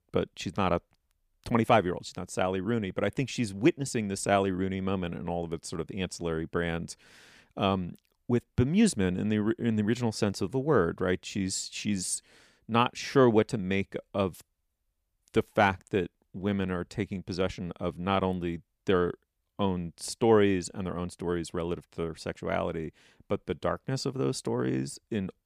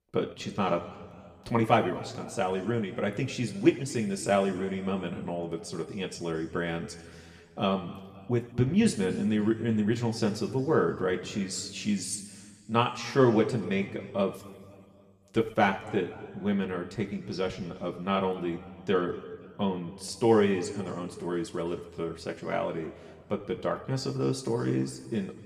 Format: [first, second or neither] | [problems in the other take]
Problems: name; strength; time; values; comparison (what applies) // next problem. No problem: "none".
first | room echo; slight; dies away in 1.6 s